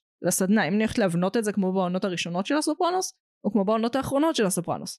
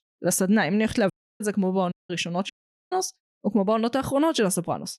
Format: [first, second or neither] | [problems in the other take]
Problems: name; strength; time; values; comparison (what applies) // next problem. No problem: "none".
first | audio cutting out; at 1 s, at 2 s and at 2.5 s